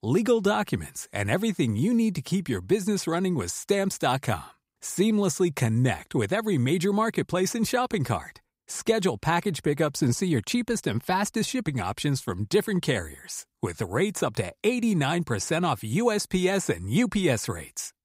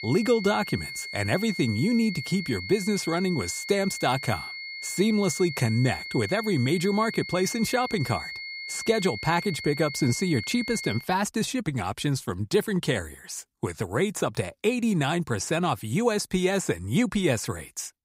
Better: first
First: none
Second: high-pitched whine; loud; until 11 s; 2 kHz, 8 dB below the speech

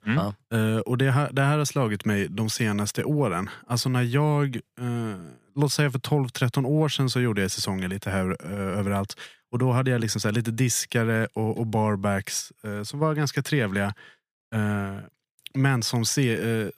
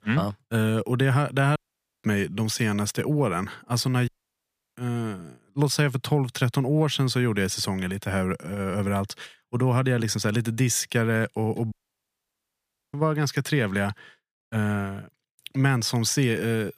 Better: first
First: none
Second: audio cutting out; at 1.5 s, at 4 s for 0.5 s and at 12 s for 1 s

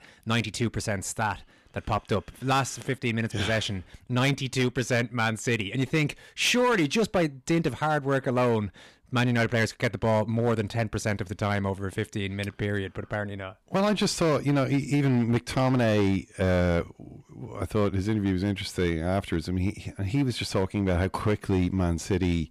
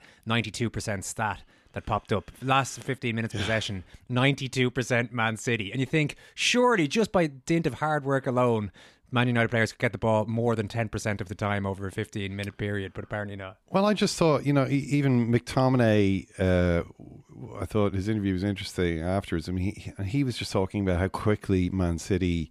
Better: second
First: distortion; slight; 6% of the sound clipped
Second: none

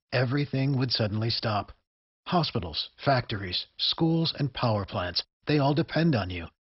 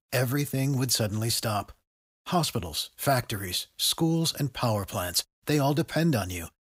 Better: second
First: garbled, watery; badly; nothing above 5.5 kHz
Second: none

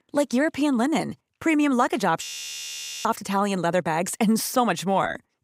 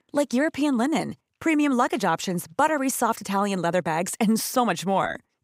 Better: second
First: audio freezing; at 2 s for 1 s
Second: none

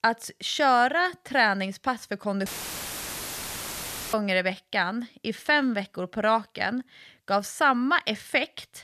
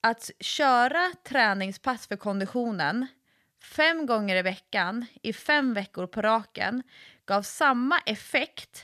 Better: second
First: audio cutting out; filled with static; at 2.5 s for 1.5 s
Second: none

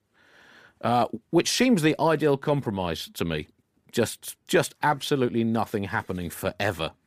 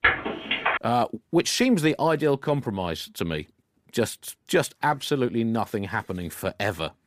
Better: first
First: none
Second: phone ringing; loud; at the start; peak 3 dB above the speech

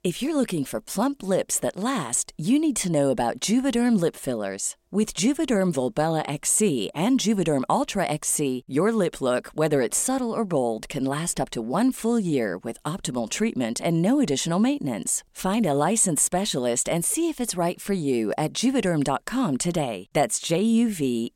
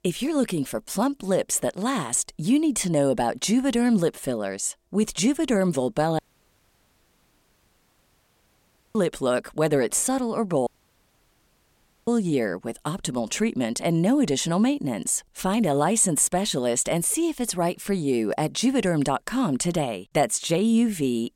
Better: first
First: none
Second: audio cutting out; at 6 s for 3 s and at 11 s for 1.5 s

